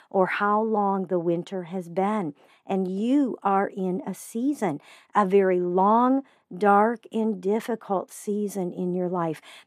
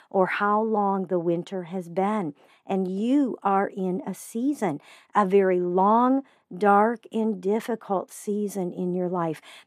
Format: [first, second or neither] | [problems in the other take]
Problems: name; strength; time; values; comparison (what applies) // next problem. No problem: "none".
neither | none